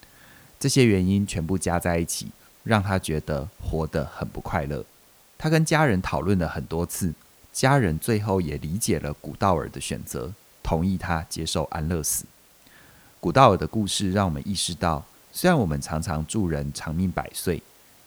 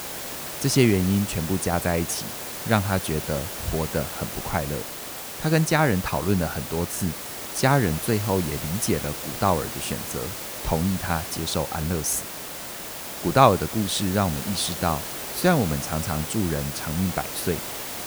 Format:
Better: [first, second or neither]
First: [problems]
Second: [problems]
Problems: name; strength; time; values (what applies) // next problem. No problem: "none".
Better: first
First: hiss; faint; throughout; 30 dB below the speech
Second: hiss; loud; throughout; 7 dB below the speech